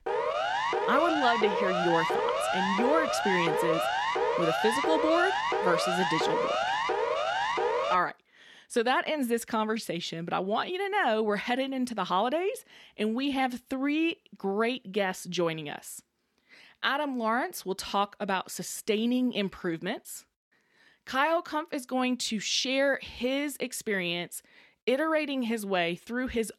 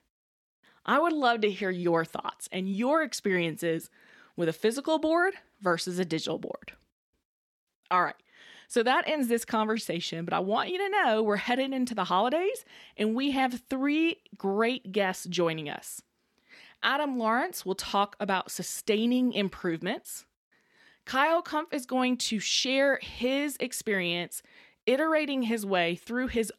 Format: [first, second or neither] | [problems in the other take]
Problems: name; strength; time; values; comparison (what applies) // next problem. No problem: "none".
second | siren; loud; until 8 s; peak 2 dB above the speech